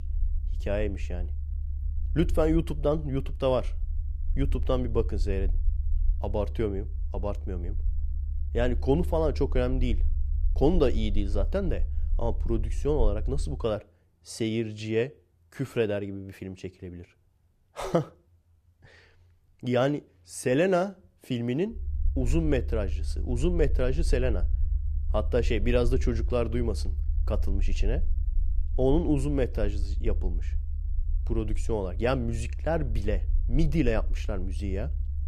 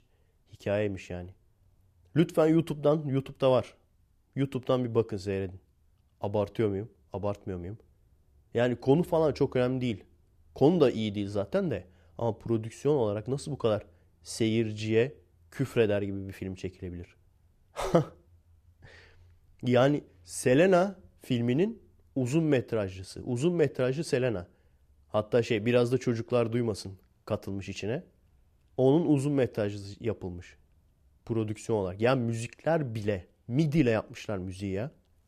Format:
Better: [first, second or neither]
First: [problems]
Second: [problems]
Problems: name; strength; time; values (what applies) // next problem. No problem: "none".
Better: second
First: low rumble; faint; until 14 s and from 22 s on; 20 dB below the speech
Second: none